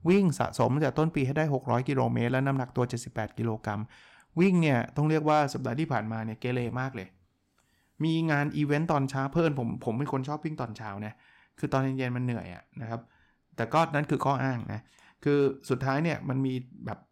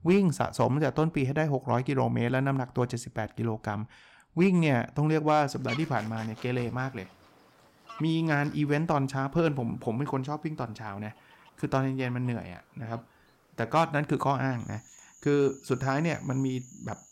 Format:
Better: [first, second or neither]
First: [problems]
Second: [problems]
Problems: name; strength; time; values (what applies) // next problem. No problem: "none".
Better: first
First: none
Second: animal sounds; noticeable; from 5.5 s on; 20 dB below the speech